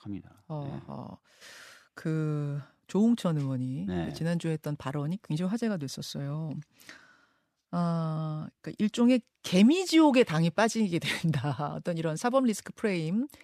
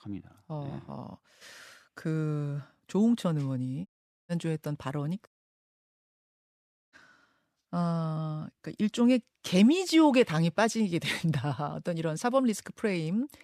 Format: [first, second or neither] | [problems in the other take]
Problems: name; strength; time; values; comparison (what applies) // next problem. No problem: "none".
first | audio cutting out; at 4 s and at 5.5 s for 1.5 s